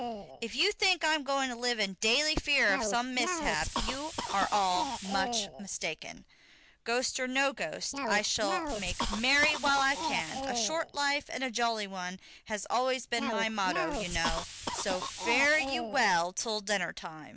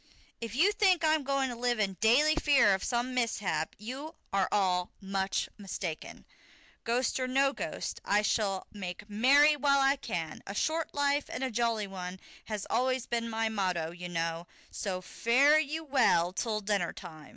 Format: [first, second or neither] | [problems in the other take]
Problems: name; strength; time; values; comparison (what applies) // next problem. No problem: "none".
second | background sound (Cough); 7 dB below the speech